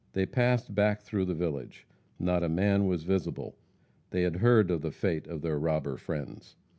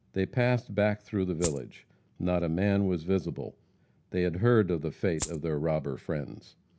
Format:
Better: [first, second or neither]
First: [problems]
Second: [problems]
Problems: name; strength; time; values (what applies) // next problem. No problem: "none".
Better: first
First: none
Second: background sound (Rattle (instrument)); 9 dB below the speech